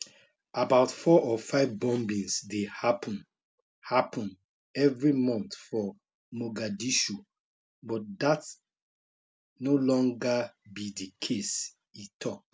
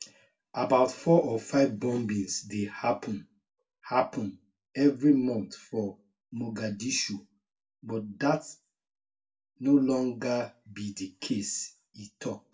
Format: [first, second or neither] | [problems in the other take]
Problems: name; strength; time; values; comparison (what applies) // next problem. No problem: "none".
first | room echo; dies away in 0.2 s